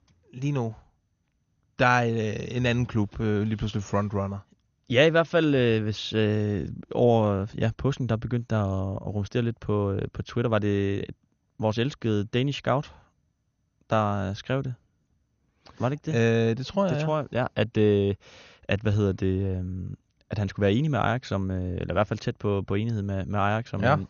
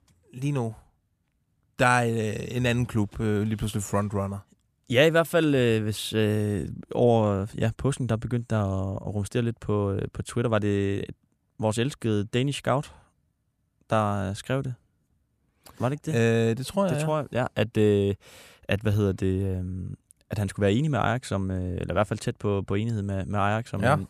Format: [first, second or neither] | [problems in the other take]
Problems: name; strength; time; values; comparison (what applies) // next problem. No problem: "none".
second | garbled, watery; slightly; nothing above 6.5 kHz